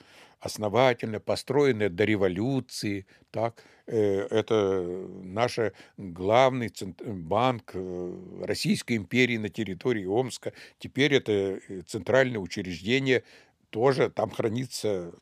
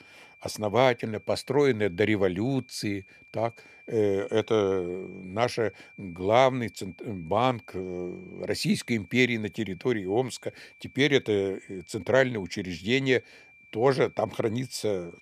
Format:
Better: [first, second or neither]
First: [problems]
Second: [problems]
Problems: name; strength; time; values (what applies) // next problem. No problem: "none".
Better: first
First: none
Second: high-pitched whine; faint; throughout; 2.5 kHz, 25 dB below the speech